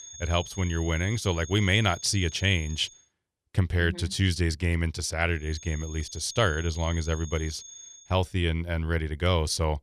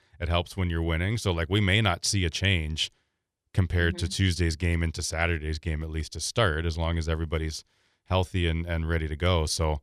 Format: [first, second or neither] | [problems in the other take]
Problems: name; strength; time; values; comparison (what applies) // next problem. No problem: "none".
second | high-pitched whine; noticeable; until 3 s and from 5.5 to 8 s; 6.5 kHz, 15 dB below the speech